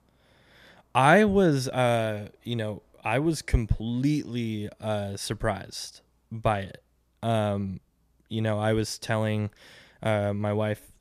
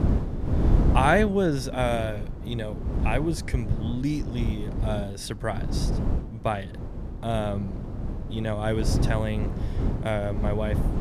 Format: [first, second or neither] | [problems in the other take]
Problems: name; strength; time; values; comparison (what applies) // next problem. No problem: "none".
first | wind noise on the microphone; heavy; 10 dB below the speech